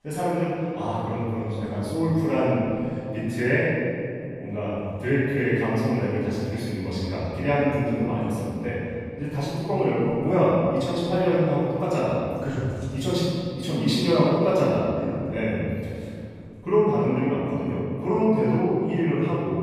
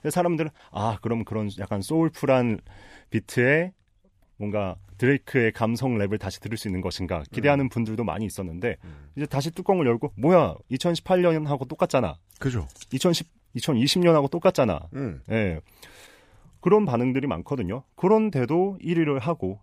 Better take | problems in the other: second | off-mic speech; far // room echo; strong; dies away in 2.6 s

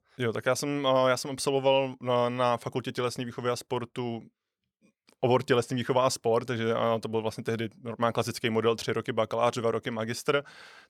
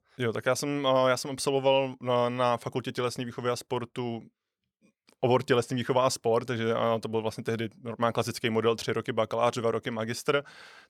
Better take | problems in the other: neither | none

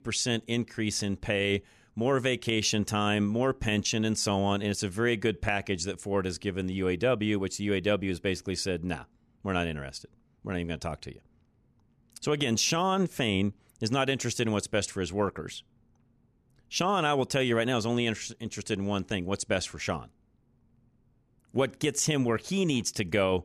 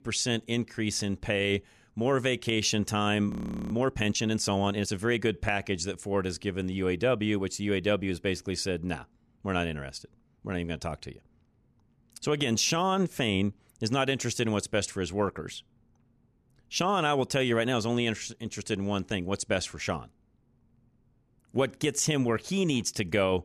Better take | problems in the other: first | audio freezing; at 3.5 s

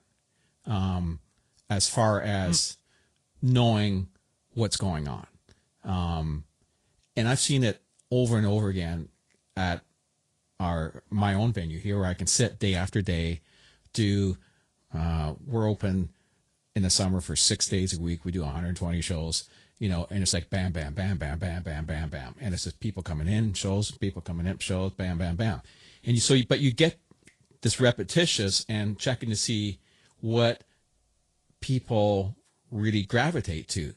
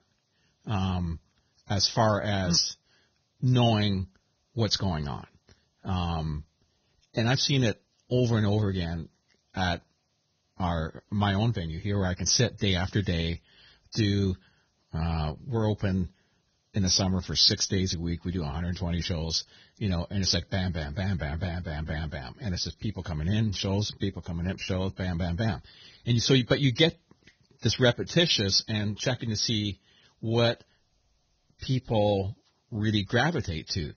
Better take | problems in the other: first | garbled, watery; badly; nothing above 6 kHz; slightly in the first

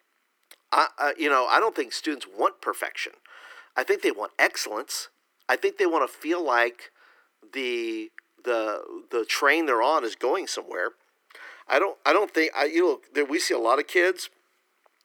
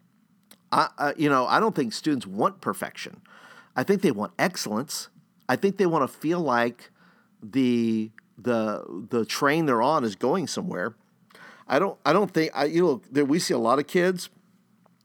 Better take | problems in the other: second | thin; very; fading below 300 Hz

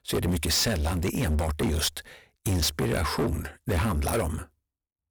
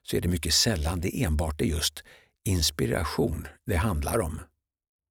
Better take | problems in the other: second | distortion; heavy; 21% of the sound clipped

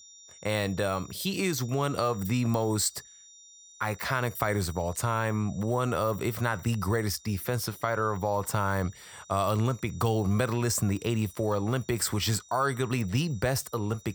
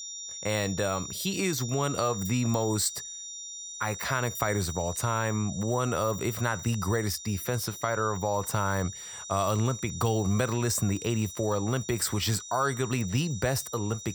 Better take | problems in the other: first | high-pitched whine; loud; throughout; 6 kHz, 9 dB below the speech; faint in the first

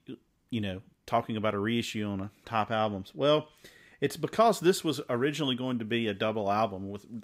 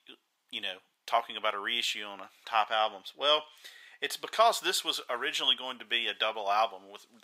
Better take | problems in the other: first | thin; very; fading below 900 Hz

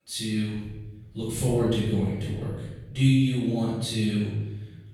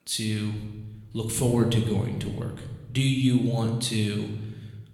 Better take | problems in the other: second | room echo; strong; dies away in 1.2 s; slight in the second // off-mic speech; far

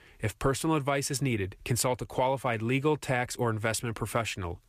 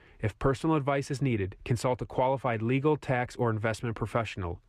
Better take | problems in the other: first | muffled; slightly; fading above 1.5 kHz

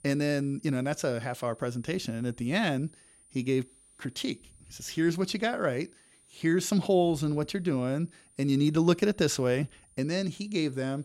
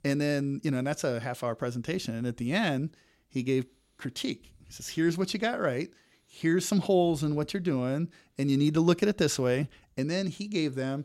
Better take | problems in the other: second | high-pitched whine; faint; throughout; 9.5 kHz, 30 dB below the speech

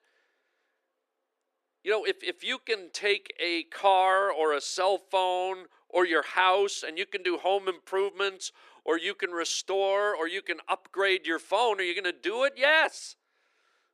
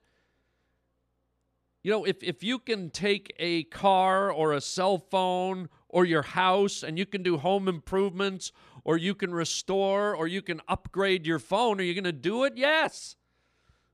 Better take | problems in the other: second | thin; very; fading below 350 Hz

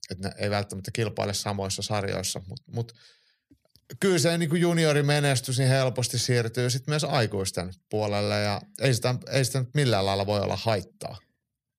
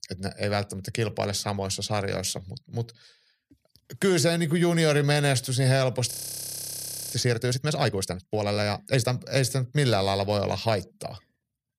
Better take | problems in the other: first | audio freezing; at 6 s for 1 s

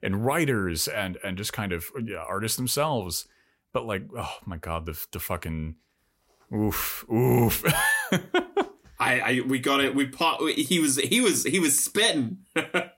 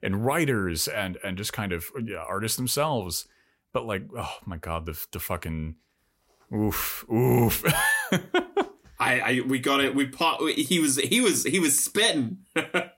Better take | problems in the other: neither | none

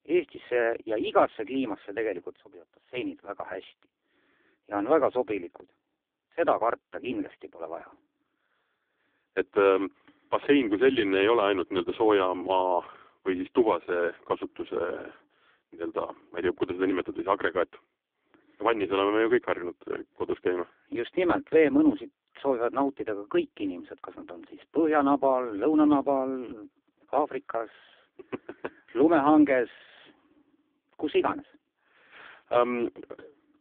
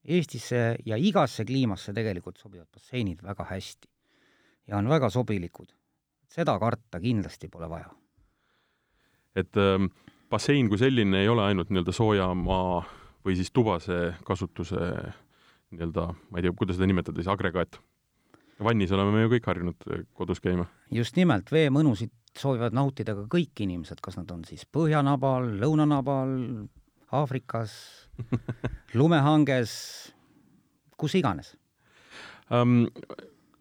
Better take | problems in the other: second | phone-call audio; poor line

